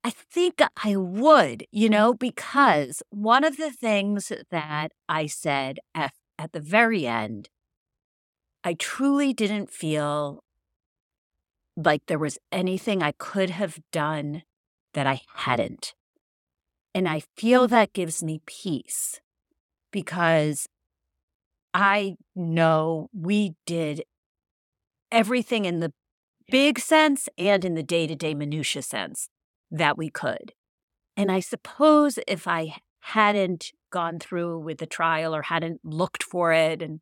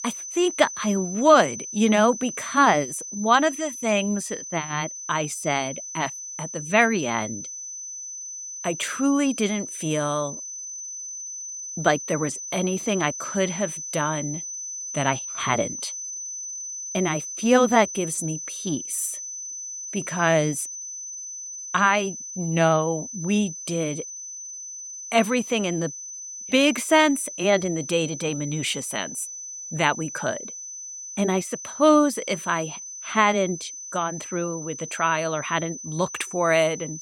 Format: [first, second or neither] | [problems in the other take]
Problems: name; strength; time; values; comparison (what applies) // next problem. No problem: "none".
first | high-pitched whine; loud; throughout; 6 kHz, 9 dB below the speech